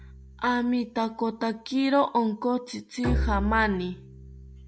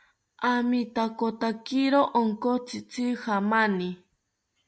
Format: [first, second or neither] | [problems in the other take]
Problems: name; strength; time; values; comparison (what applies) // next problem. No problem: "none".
second | background sound (Bowed string instrument); 8 dB below the speech